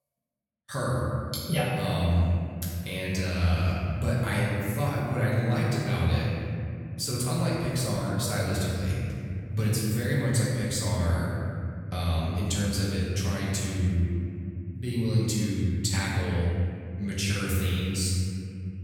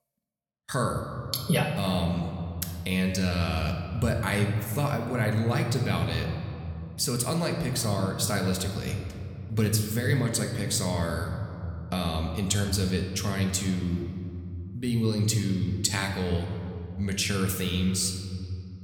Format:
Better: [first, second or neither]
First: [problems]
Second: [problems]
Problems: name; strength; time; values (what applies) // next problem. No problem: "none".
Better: second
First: room echo; strong; dies away in 2.7 s // off-mic speech; far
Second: room echo; slight; dies away in 2.3 s